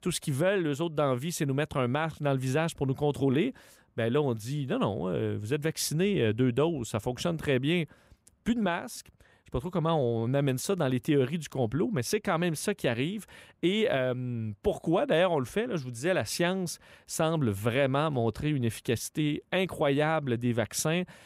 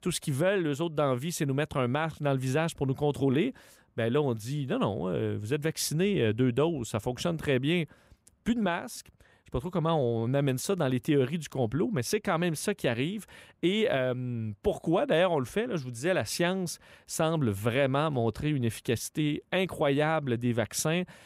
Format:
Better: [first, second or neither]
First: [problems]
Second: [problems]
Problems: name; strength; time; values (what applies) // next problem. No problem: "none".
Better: neither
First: none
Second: none